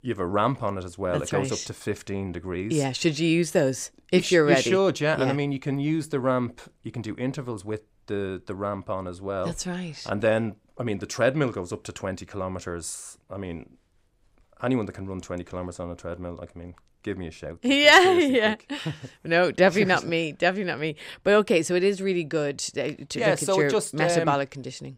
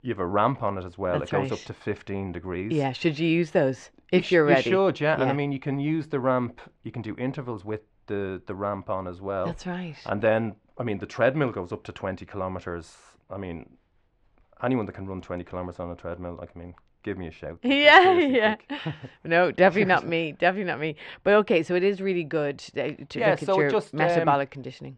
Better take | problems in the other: first | muffled; slightly; fading above 2.5 kHz

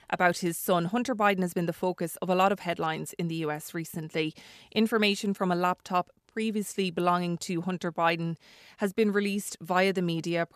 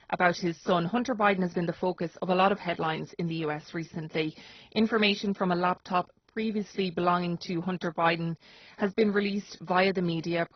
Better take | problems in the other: first | garbled, watery; badly; nothing above 6 kHz

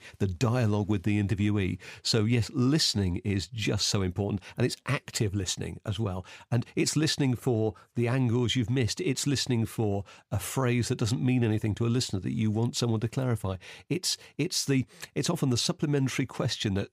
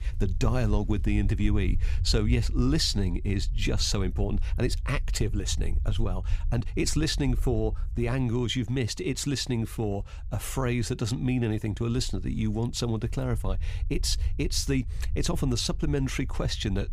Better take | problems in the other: first | low rumble; faint; throughout; 20 dB below the speech

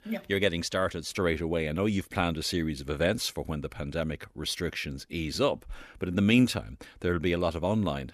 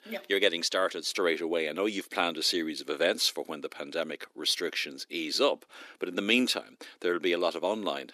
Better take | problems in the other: first | thin; somewhat; fading below 300 Hz

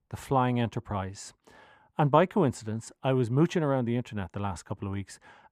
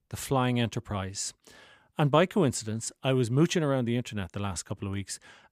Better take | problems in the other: second | muffled; slightly; fading above 2.5 kHz

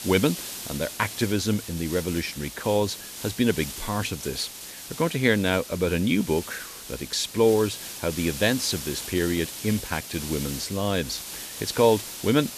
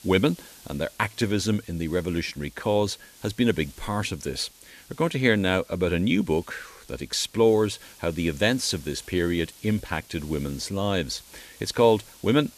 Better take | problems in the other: second | hiss; loud; throughout; 9 dB below the speech; faint in the second

